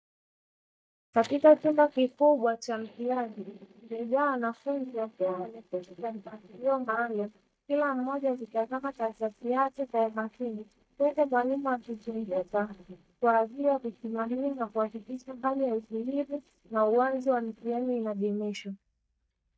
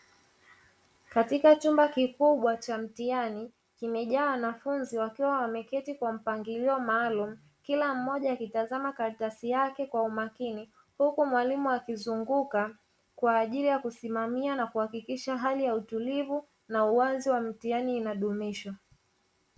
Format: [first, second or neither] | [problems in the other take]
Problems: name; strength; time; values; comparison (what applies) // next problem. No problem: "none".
second | noise reduction (neural mask model DeepFilterNet 3)